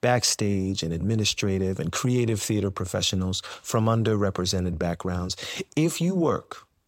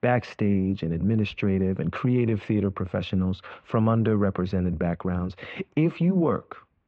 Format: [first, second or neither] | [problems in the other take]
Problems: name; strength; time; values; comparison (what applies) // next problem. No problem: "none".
first | muffled; very; fading above 2.5 kHz